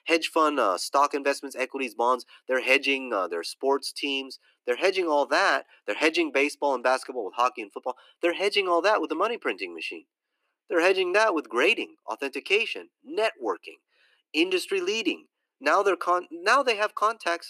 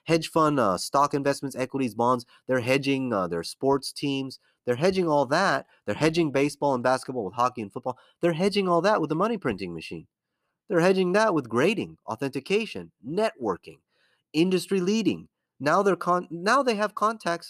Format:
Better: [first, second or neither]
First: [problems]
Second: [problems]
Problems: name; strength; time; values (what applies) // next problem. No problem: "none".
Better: second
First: thin; somewhat; fading below 300 Hz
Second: none